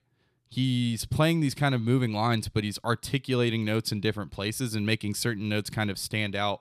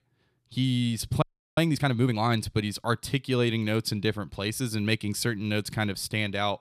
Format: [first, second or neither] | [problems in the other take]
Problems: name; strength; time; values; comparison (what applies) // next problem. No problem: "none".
first | audio freezing; at 1 s